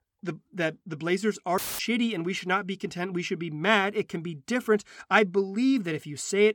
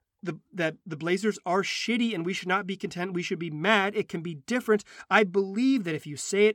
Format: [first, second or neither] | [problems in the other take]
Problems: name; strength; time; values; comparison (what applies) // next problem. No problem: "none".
second | audio cutting out; filled with static; at 1.5 s